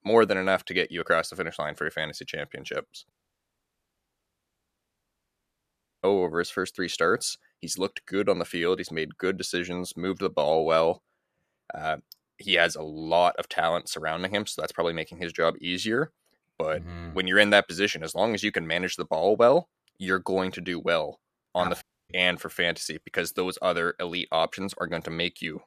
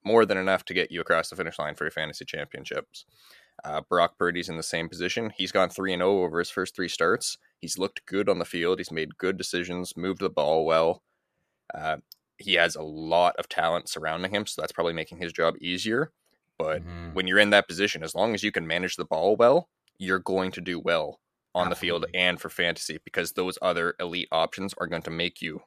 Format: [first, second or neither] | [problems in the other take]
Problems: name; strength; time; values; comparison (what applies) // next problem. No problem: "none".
second | audio cutting out; at 3 s for 3 s and at 22 s